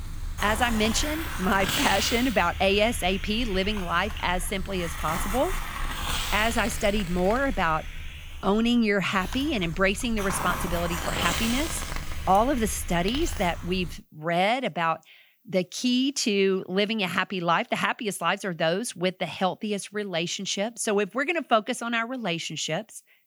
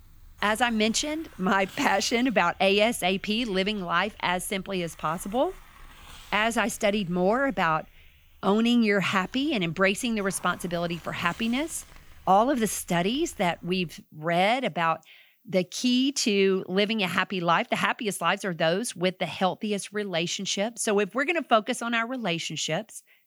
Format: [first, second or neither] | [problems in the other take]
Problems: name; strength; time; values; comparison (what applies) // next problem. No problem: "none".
second | hiss; loud; until 14 s; 6 dB below the speech; faint in the second